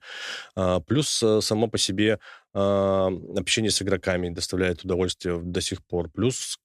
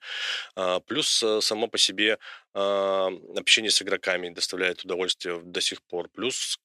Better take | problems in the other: first | thin; somewhat; fading below 350 Hz

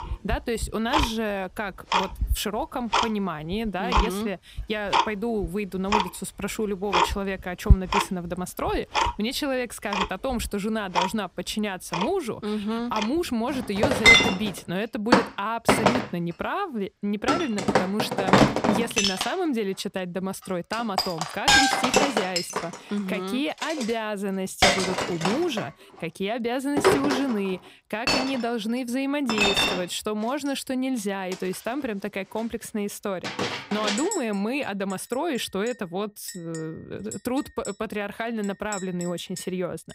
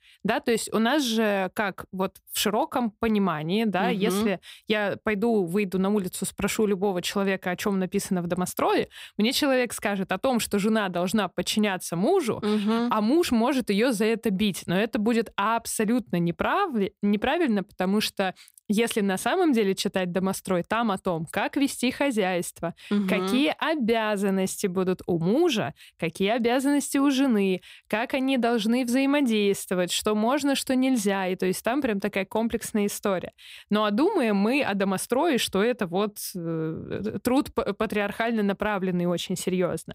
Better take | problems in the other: second | household noises; very loud; throughout; 5 dB above the speech

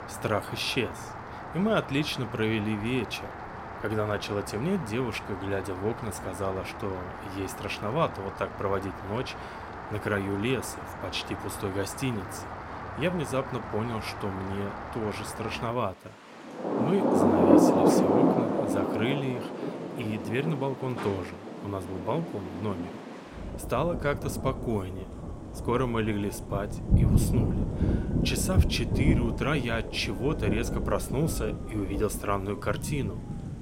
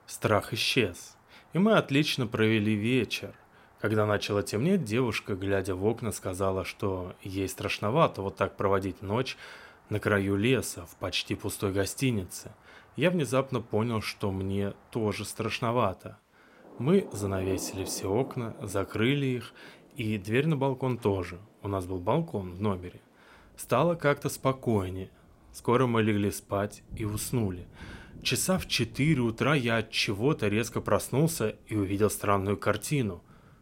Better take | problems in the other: second | rain or running water; loud; throughout; as loud as the speech; faint in the second

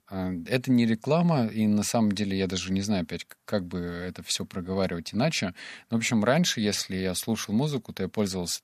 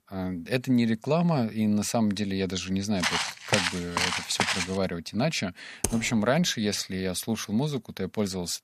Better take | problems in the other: first | footsteps; loud; from 3 to 4.5 s; peak 2 dB above the speech // keyboard typing; noticeable; at 6 s; peak 3 dB below the speech

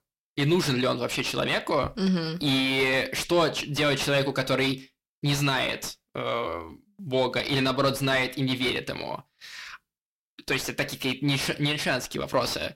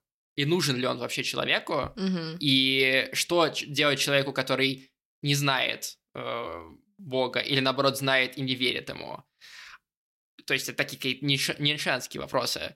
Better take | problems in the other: second | distortion; heavy; 6 dB below the speech

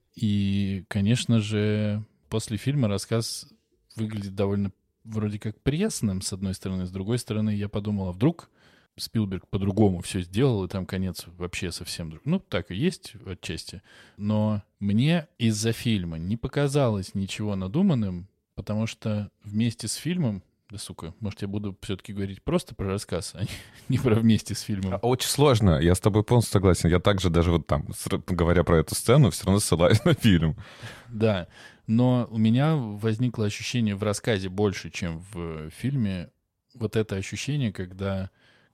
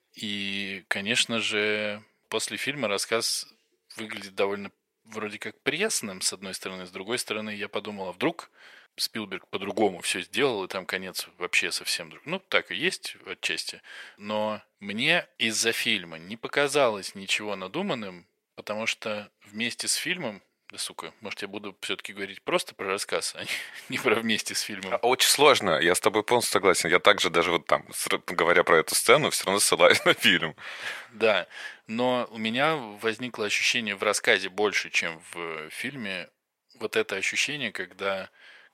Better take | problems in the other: first | thin; very; fading below 500 Hz

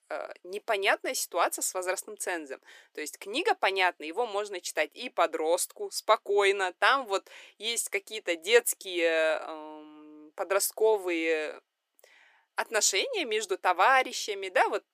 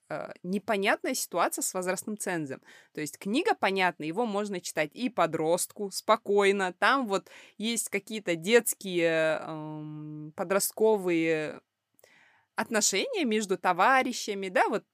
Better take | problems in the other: second | thin; very; fading below 350 Hz

